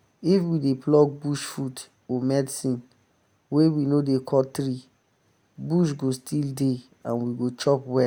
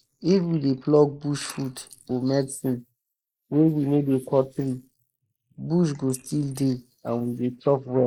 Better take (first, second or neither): first